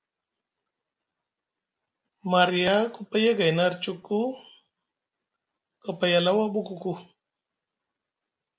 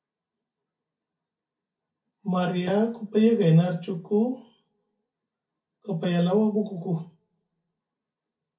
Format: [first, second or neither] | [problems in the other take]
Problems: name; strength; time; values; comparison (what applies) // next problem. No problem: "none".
first | room echo; dies away in 0.3 s